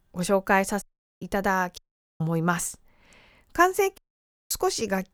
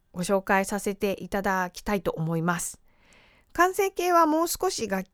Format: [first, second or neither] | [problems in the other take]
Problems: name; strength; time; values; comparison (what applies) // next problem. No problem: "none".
second | audio cutting out; at 1 s, at 2 s and at 4 s for 0.5 s